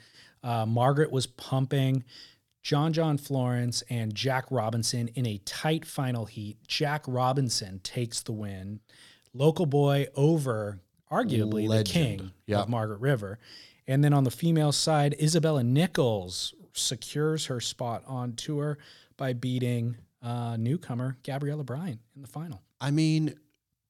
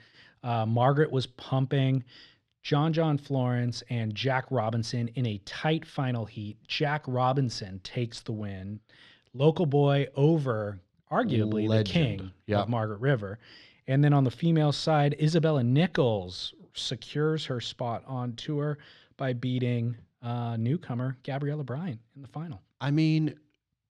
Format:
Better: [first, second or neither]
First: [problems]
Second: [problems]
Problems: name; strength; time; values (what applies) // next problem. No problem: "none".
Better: first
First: none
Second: muffled; very slightly; fading above 3 kHz